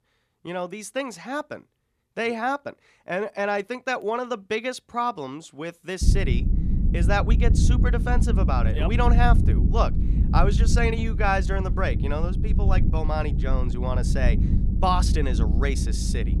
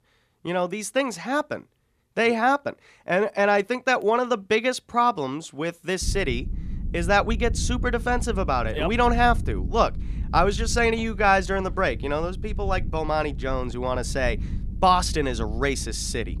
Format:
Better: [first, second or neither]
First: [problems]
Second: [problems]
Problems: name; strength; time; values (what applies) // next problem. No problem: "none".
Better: second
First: low rumble; loud; from 6 s on; 9 dB below the speech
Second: low rumble; faint; from 6 s on; 25 dB below the speech